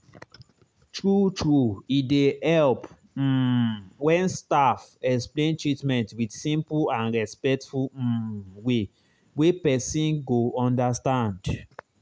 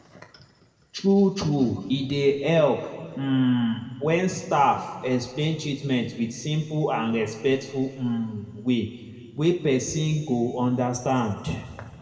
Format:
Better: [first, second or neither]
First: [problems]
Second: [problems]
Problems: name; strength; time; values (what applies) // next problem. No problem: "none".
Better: first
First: none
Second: room echo; dies away in 1.7 s